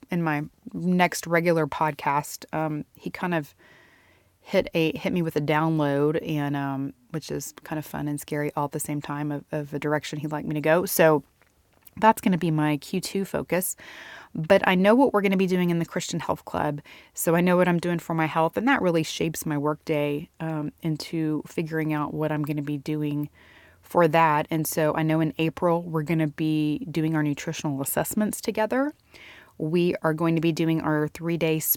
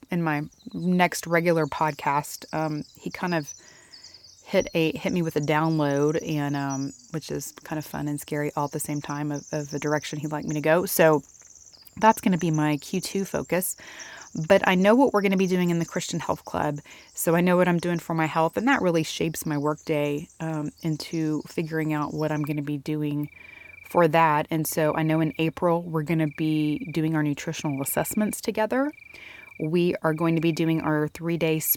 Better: first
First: none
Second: animal sounds; faint; throughout; 20 dB below the speech

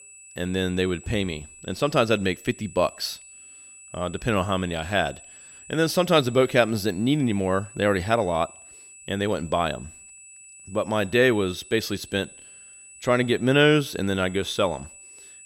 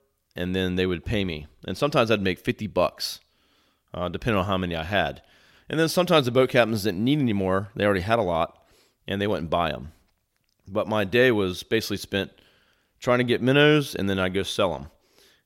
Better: second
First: high-pitched whine; noticeable; throughout; 8 kHz, 20 dB below the speech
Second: none

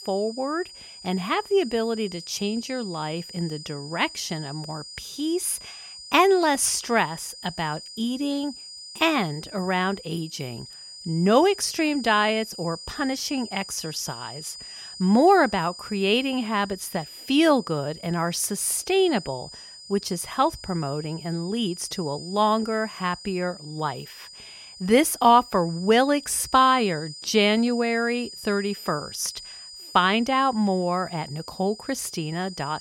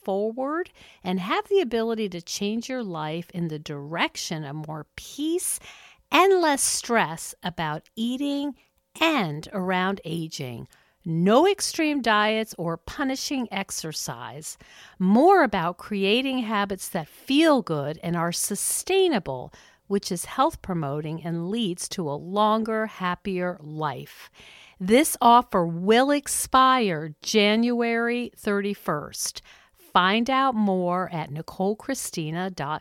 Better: second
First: high-pitched whine; noticeable; throughout; 5 kHz, 15 dB below the speech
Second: none

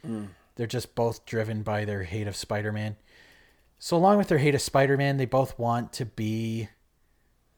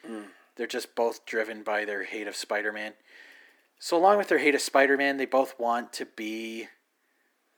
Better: first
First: none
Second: thin; somewhat; fading below 250 Hz

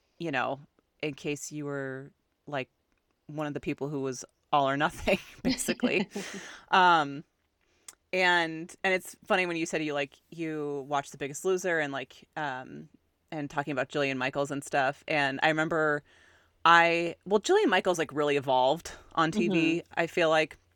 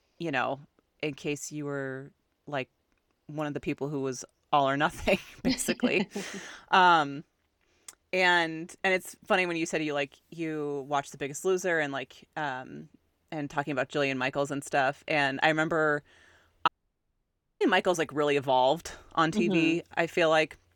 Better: first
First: none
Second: audio cutting out; at 17 s for 1 s

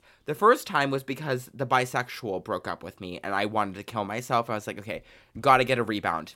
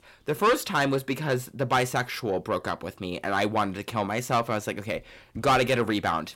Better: first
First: none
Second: distortion; heavy; 8 dB below the speech

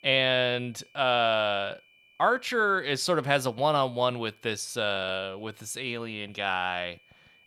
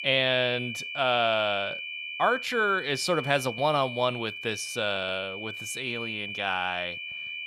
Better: first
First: high-pitched whine; faint; throughout; 2.5 kHz, 30 dB below the speech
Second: high-pitched whine; loud; throughout; 2.5 kHz, 7 dB below the speech

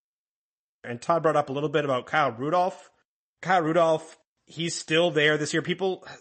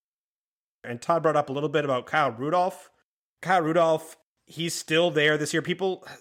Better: second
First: garbled, watery; slightly; nothing above 8 kHz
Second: none

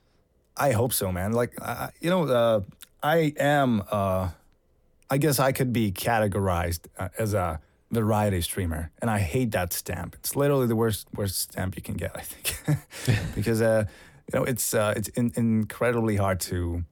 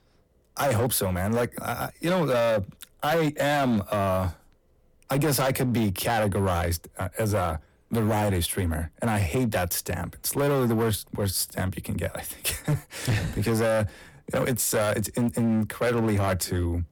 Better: first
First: none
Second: distortion; slight; 13% of the sound clipped

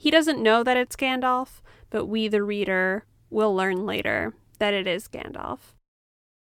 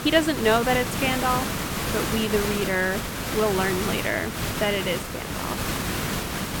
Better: first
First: none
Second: hiss; loud; throughout; 2 dB below the speech

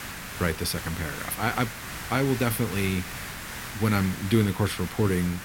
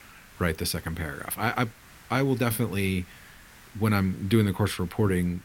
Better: second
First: hiss; loud; throughout; 9 dB below the speech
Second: hiss; faint; throughout; 25 dB below the speech

